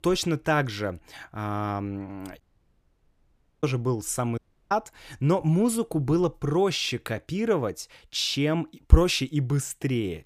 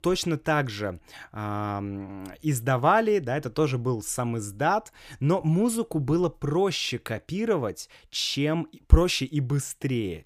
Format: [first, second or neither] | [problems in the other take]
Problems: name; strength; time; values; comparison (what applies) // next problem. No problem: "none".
second | audio cutting out; at 2.5 s for 1 s and at 4.5 s